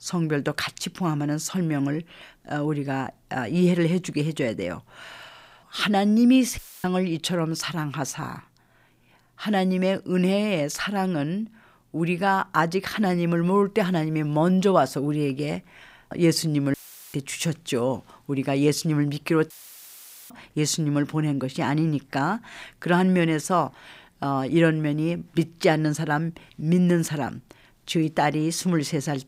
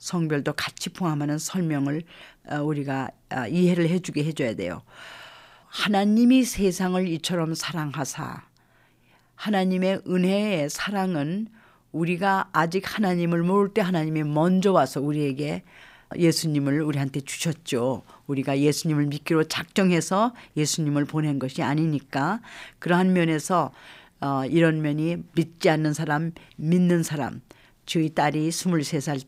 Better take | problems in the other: second | audio cutting out; filled with static; at 6.5 s, at 17 s and at 20 s for 1 s

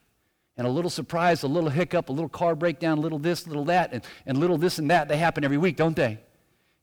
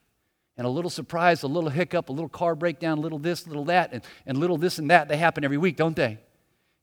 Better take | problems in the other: second | distortion; slight; 10 dB below the speech

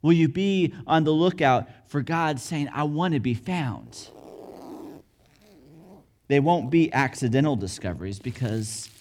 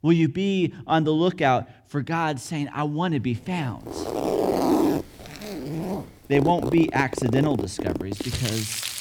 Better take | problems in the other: first | household noises; loud; from 3.5 s on; 3 dB below the speech; faint in the first

